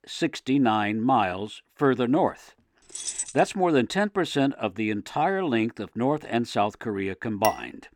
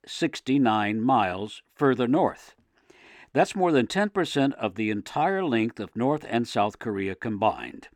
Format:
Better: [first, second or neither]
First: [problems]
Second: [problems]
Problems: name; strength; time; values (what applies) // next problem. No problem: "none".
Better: second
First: jangling keys; noticeable; at 3 s; peak 5 dB below the speech // clattering dishes; noticeable; at 7.5 s; peak 9 dB below the speech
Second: none